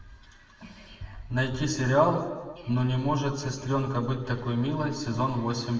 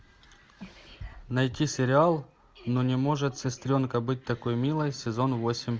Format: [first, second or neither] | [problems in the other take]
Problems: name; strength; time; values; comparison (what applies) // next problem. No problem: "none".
second | room echo; dies away in 1.2 s